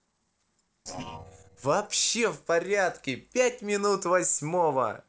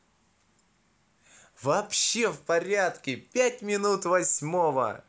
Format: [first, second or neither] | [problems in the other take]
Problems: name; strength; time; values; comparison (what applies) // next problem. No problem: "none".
second | noise reduction (neural separator model SepFormer DNS4)